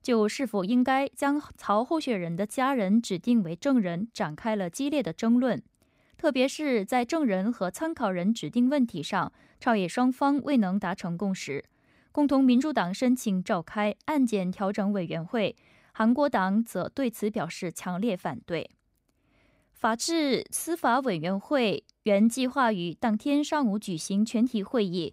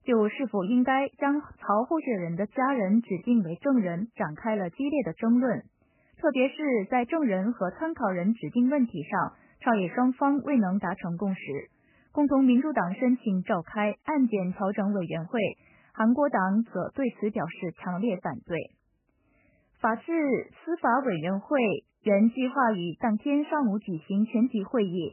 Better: first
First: none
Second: garbled, watery; badly; nothing above 3 kHz

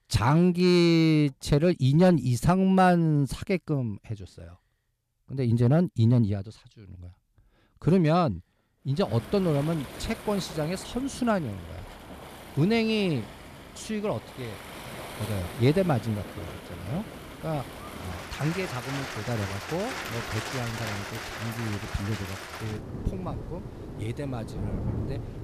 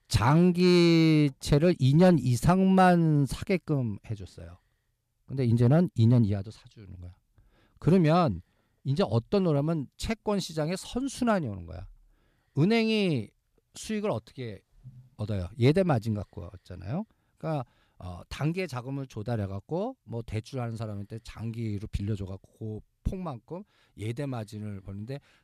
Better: second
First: rain or running water; noticeable; from 9 s on; 10 dB below the speech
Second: none

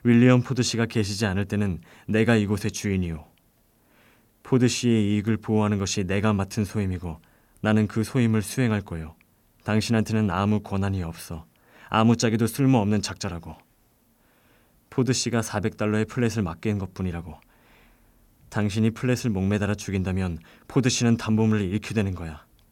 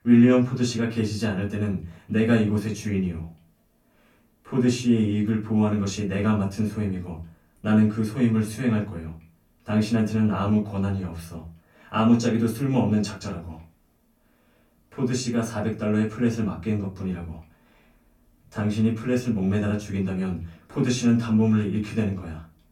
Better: first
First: none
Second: off-mic speech; far // room echo; very slight; dies away in 0.3 s

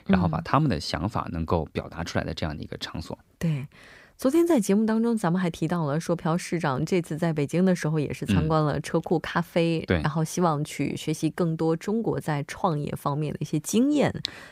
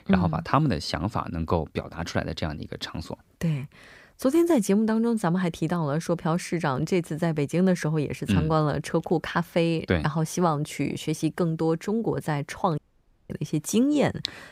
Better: first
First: none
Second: audio cutting out; at 13 s for 0.5 s

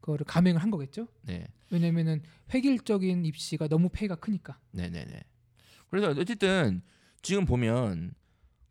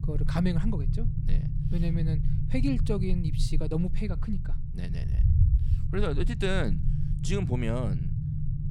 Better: first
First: none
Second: low rumble; loud; throughout; 8 dB below the speech

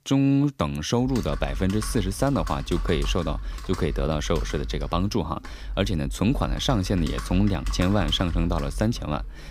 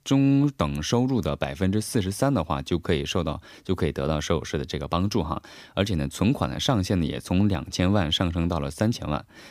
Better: second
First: keyboard typing; noticeable; from 1 s on; peak 6 dB below the speech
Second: none

